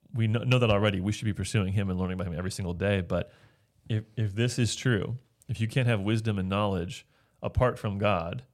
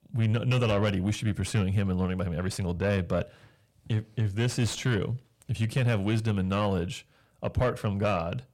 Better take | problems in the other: first | distortion; slight; 10 dB below the speech

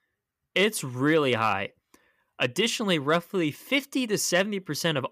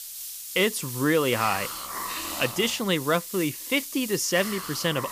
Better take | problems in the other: first | hiss; loud; throughout; 8 dB below the speech

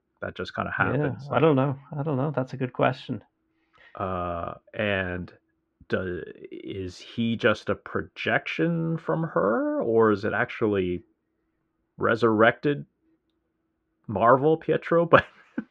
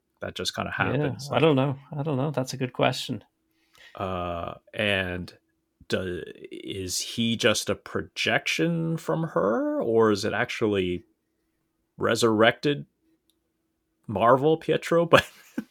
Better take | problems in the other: second | muffled; very; fading above 2 kHz

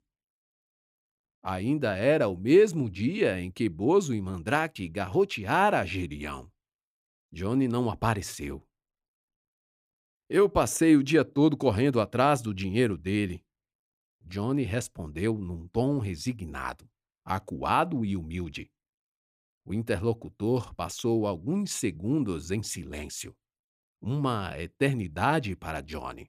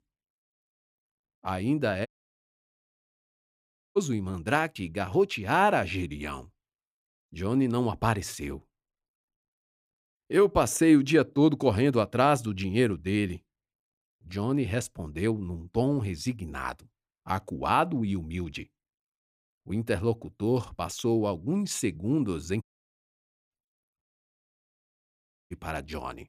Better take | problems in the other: first | audio cutting out; at 2 s for 2 s, at 23 s for 1 s and at 24 s for 1.5 s

